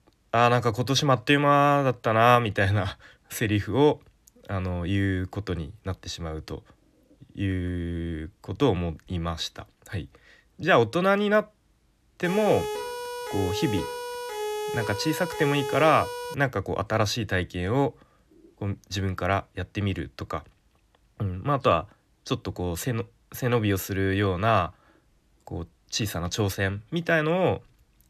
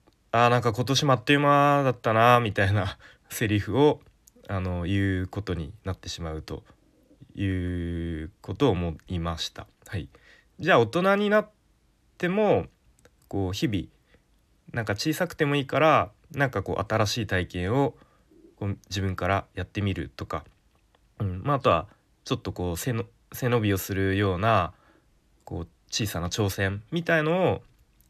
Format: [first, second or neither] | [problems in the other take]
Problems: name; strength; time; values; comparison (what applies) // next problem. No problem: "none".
second | siren; noticeable; from 12 to 16 s; peak 5 dB below the speech